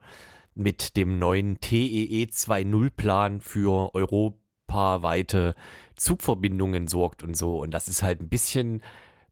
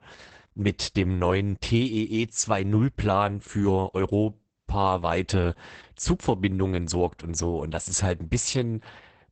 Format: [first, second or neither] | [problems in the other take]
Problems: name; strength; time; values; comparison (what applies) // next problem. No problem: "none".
first | garbled, watery; badly; nothing above 8 kHz; slightly in the first